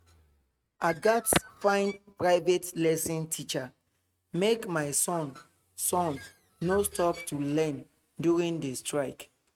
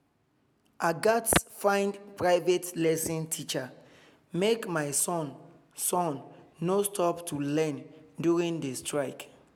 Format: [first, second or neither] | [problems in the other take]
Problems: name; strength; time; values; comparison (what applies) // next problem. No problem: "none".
second | noise reduction (neural mask model RNNoise)